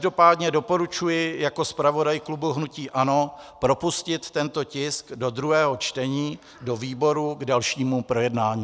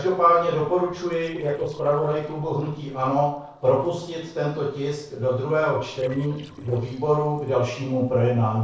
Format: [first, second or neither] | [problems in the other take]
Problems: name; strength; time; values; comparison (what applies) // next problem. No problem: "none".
first | noise reduction (neural separator model SepFormer DNS4)